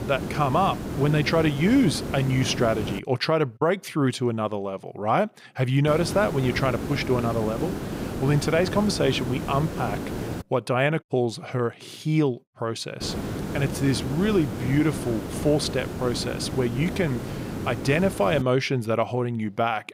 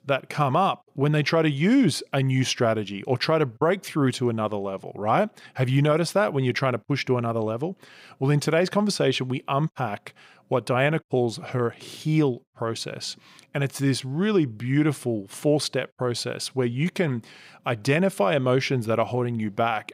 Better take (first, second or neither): second